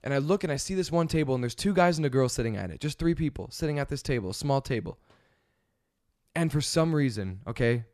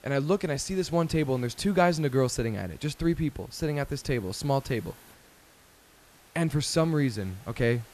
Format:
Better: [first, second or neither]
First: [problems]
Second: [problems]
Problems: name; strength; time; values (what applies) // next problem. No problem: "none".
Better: first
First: none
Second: hiss; faint; throughout; 25 dB below the speech